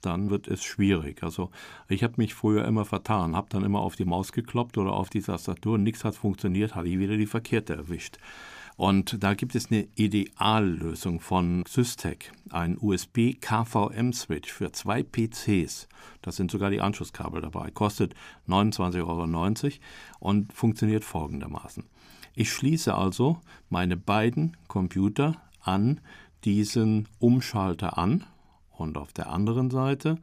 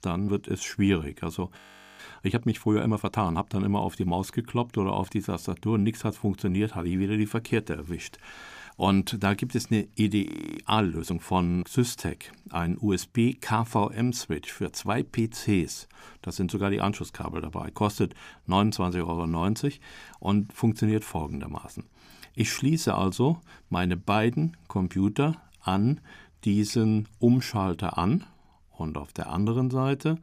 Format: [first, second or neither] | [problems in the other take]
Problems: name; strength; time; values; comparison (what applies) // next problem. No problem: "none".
first | audio freezing; at 1.5 s and at 10 s